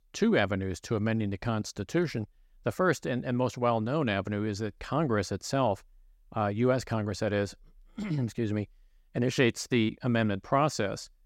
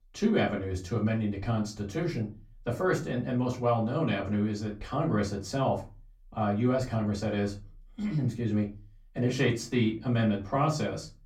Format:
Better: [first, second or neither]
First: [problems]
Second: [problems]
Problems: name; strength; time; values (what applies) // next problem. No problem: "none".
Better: first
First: none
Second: off-mic speech; far // room echo; very slight; dies away in 0.3 s